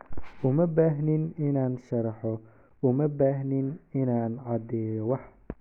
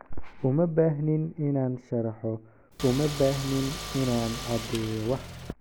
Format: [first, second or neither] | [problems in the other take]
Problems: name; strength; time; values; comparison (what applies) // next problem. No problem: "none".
first | background sound (Car); 9 dB below the speech